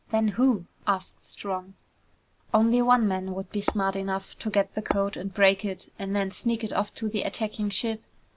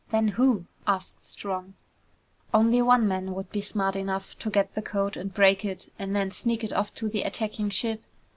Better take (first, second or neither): second